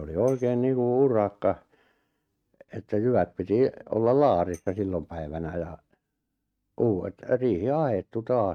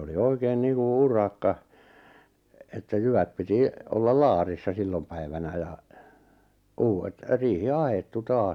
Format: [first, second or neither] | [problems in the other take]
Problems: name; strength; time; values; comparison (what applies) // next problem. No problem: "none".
second | noise reduction (neural mask model RNNoise)